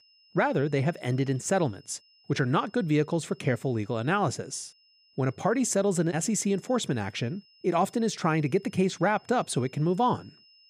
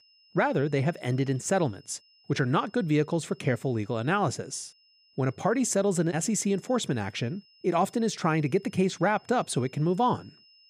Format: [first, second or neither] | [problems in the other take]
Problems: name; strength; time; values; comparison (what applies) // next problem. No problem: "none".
neither | high-pitched whine; faint; throughout; 5 kHz, 30 dB below the speech; the same in both